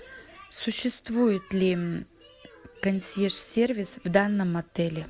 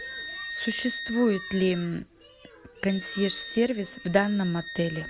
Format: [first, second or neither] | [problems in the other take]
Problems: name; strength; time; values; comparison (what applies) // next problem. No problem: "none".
first | background sound (Wind instrument, woodwind instrument); 11 dB below the speech